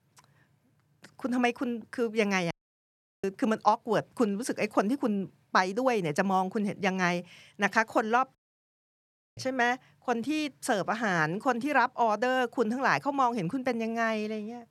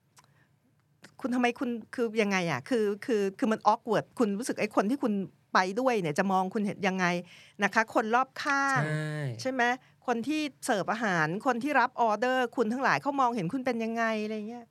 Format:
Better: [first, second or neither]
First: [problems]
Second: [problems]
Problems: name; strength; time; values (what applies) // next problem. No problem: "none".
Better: second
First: audio cutting out; at 2.5 s for 0.5 s and at 8.5 s for 1 s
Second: none